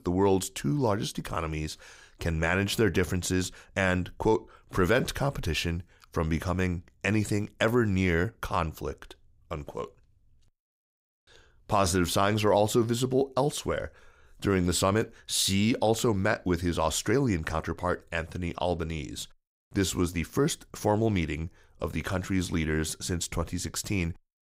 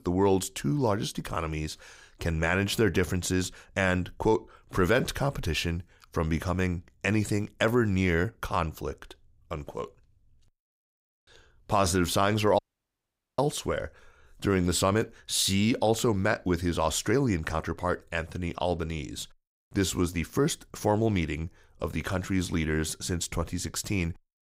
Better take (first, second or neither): first